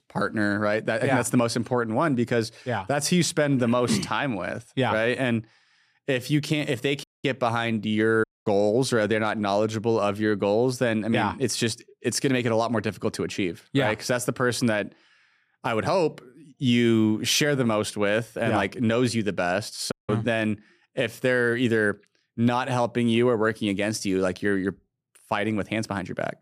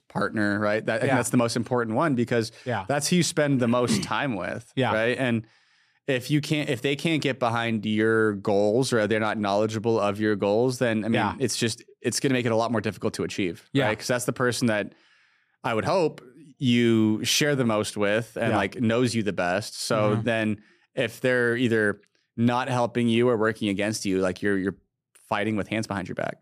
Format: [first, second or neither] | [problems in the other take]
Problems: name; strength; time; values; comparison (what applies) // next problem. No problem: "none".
second | audio cutting out; at 7 s, at 8 s and at 20 s